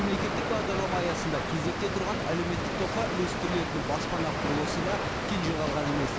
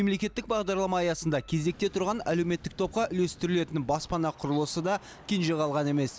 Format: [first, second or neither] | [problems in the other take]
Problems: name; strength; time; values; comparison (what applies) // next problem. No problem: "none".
second | background sound (Water); 1 dB above the speech